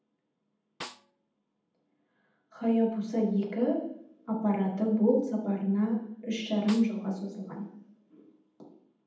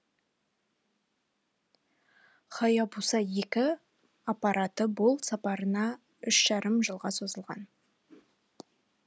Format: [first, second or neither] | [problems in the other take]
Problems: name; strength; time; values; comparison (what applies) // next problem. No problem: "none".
second | background sound (Snare drum); 17 dB below the speech // room echo; dies away in 0.8 s